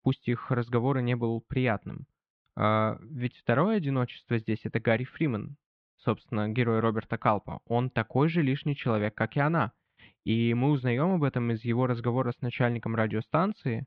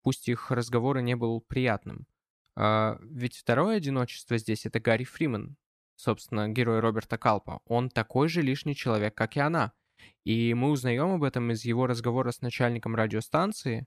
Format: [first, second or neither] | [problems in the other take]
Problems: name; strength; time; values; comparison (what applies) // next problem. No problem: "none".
second | muffled; very; fading above 3.5 kHz